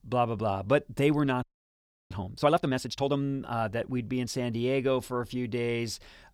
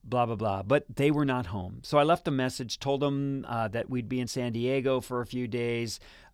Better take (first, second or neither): second